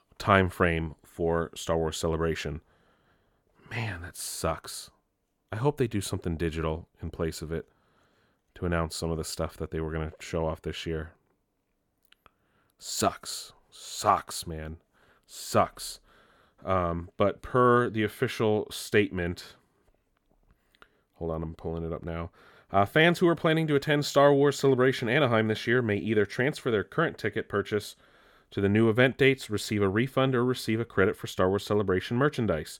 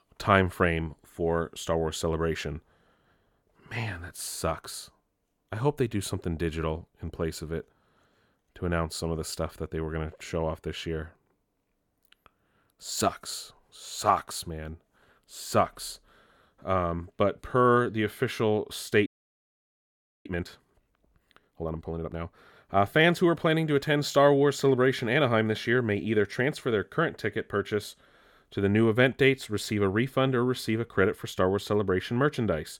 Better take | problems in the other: first | audio freezing; at 19 s for 1 s

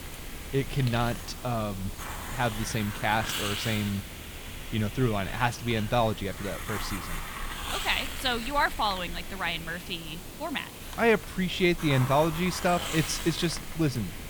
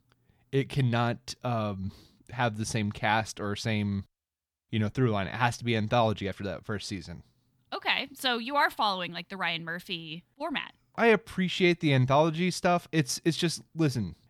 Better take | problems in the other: second | hiss; loud; throughout; 8 dB below the speech

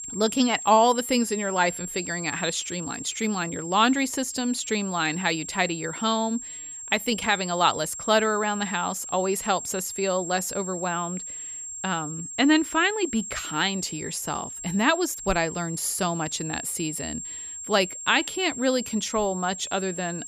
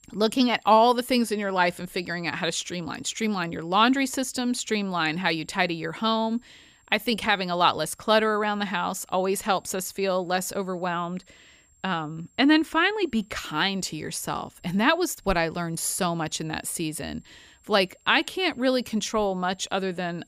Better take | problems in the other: second | high-pitched whine; loud; throughout; 7.5 kHz, 8 dB below the speech; faint in the second

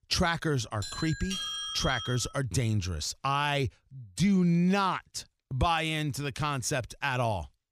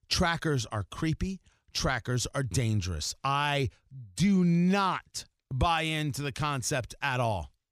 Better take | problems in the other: second | doorbell; noticeable; from 1 to 2.5 s; peak 3 dB below the speech

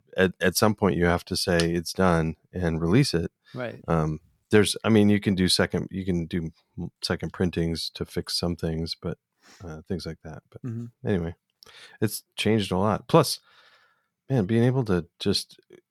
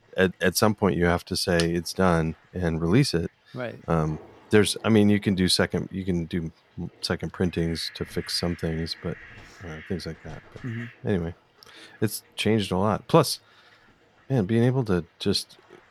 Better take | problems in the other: first | animal sounds; faint; throughout; 25 dB below the speech

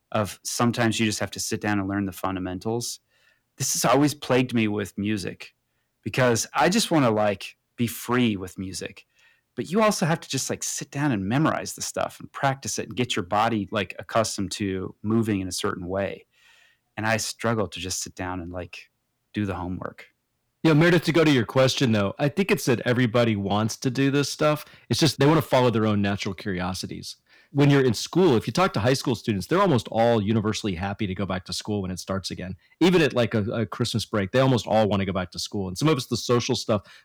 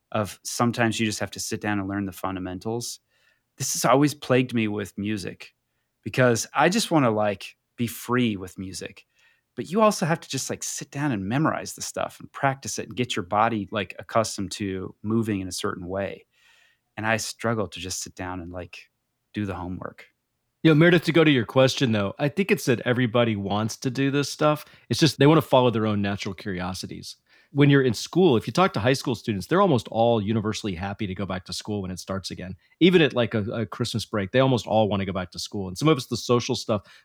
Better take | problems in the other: second | distortion; slight; 3% of the sound clipped

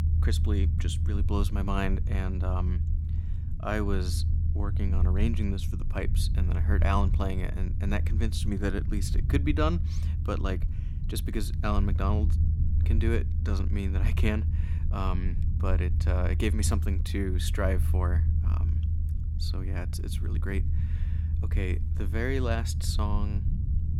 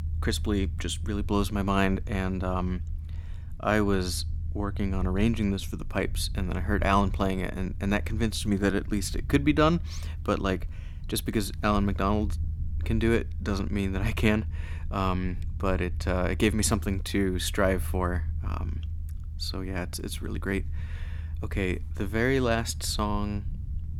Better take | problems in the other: second | low rumble; loud; throughout; 10 dB below the speech; faint in the second

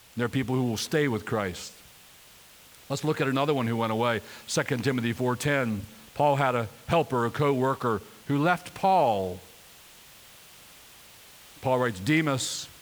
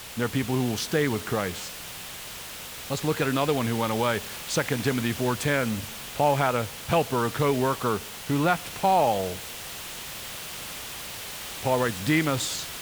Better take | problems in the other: first | hiss; loud; throughout; 9 dB below the speech; faint in the first

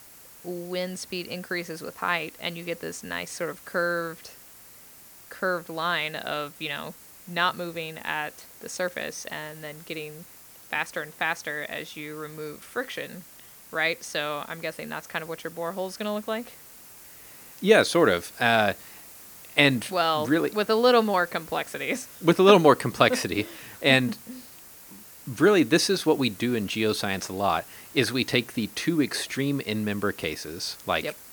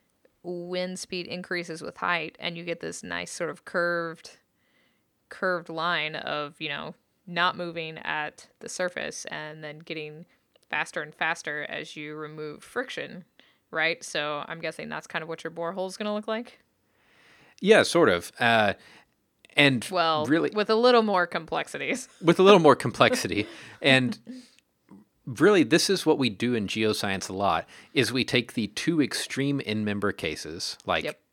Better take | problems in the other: second | hiss; noticeable; throughout; 20 dB below the speech

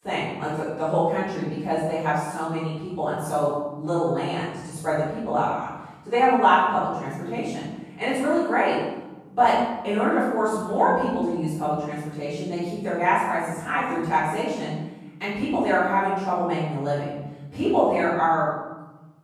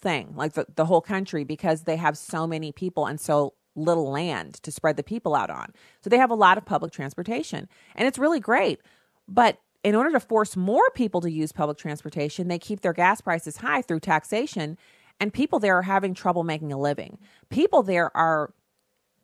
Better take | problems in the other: second | room echo; strong; dies away in 1.1 s // off-mic speech; far

